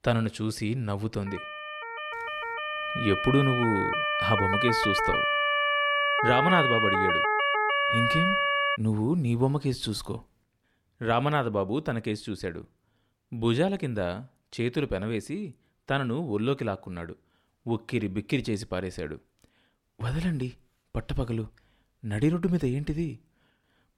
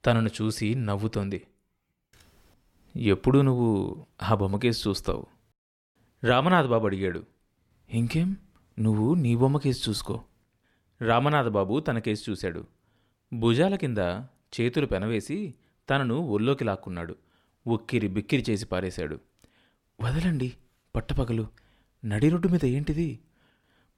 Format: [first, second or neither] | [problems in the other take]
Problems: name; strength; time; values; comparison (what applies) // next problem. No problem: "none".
second | siren; loud; from 1.5 to 9 s; peak 6 dB above the speech